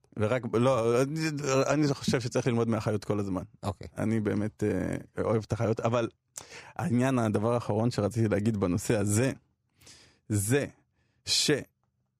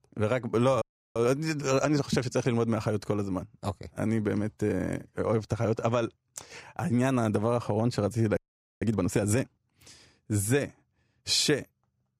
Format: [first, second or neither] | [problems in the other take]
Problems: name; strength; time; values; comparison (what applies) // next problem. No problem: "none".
first | audio freezing; at 1 s and at 8.5 s